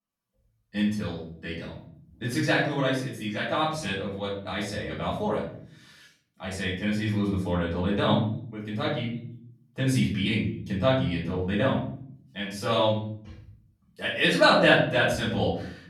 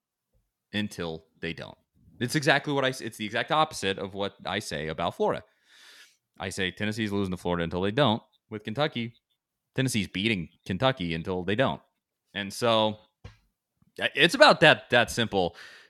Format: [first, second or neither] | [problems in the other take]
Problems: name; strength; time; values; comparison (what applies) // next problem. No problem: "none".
second | room echo; noticeable; dies away in 0.8 s // off-mic speech; far